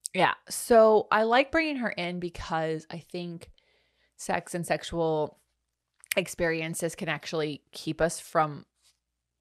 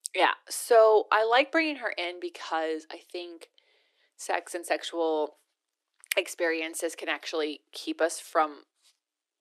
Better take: first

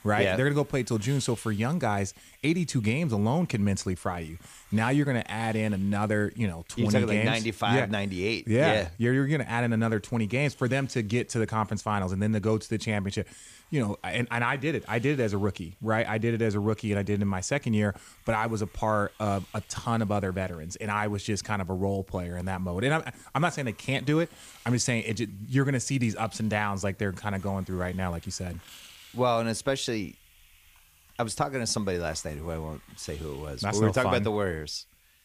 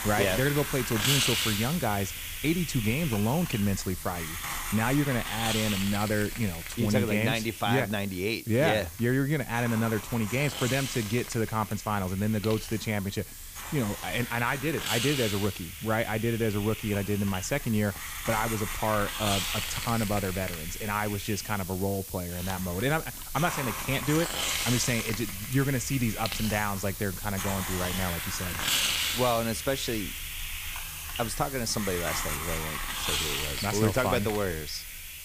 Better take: first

